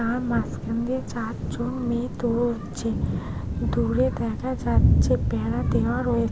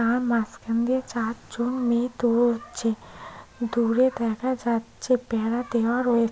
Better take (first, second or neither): second